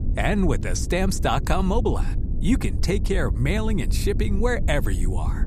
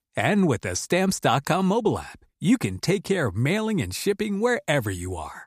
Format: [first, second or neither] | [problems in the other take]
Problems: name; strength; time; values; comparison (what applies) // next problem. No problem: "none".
second | low rumble; noticeable; throughout; 15 dB below the speech